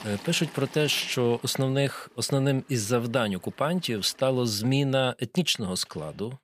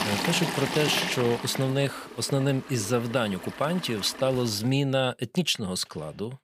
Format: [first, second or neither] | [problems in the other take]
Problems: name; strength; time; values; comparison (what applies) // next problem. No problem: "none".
first | household noises; loud; until 4.5 s; 7 dB below the speech; faint in the first